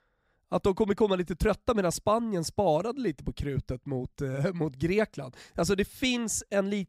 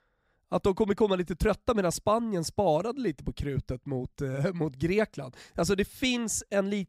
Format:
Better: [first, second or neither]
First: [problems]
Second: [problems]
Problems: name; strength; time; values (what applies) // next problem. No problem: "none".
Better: neither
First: none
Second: none